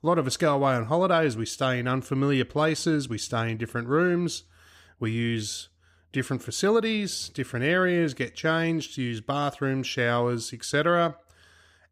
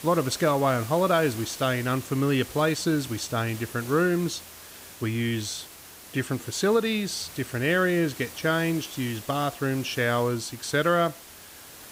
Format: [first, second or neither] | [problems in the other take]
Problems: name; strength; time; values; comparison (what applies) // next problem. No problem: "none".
first | hiss; noticeable; throughout; 15 dB below the speech